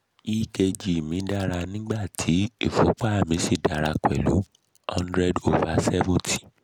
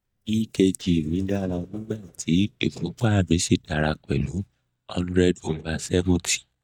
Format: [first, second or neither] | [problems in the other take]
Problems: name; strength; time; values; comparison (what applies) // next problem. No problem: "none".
first | noise reduction (neural mask model DeepFilterNet 3)